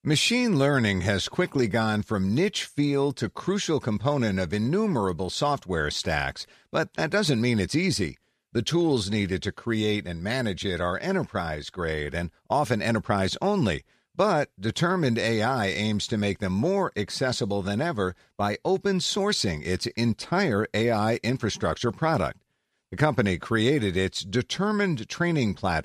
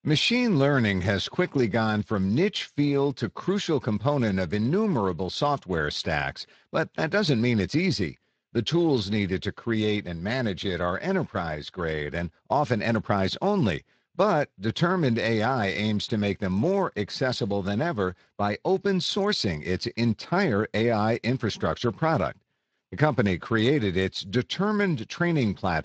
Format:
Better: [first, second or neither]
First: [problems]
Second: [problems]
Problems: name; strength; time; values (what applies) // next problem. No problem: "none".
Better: first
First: none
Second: garbled, watery; slightly; nothing above 7.5 kHz